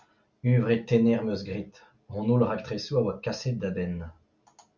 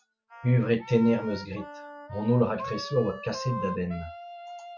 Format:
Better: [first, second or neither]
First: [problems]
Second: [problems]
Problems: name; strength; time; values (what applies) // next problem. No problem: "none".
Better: first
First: none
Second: noise reduction (classical method Wiener filter)